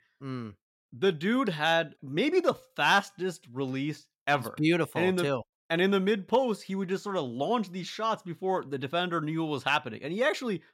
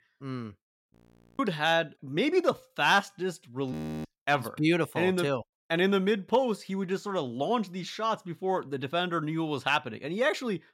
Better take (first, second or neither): first